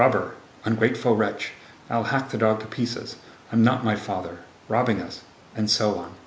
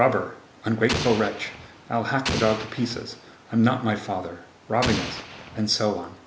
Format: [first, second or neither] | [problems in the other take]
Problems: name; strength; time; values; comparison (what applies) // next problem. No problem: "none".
first | background sound (Explosion); 7 dB below the speech